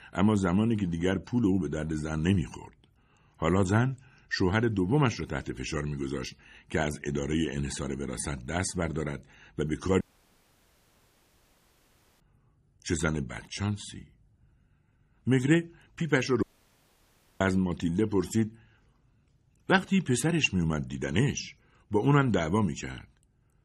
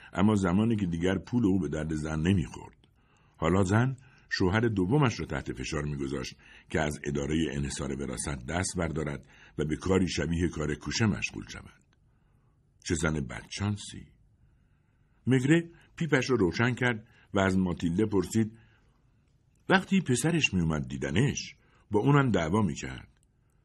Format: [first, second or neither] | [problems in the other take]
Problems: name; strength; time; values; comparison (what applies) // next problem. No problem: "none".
second | audio cutting out; at 10 s for 2 s and at 16 s for 1 s